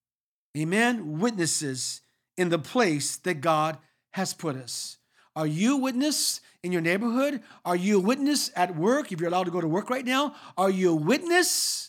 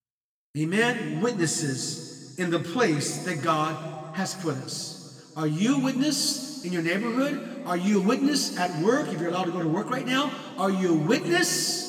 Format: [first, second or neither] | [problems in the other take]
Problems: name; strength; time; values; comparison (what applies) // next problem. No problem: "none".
first | room echo; slight; dies away in 2 s // off-mic speech; somewhat distant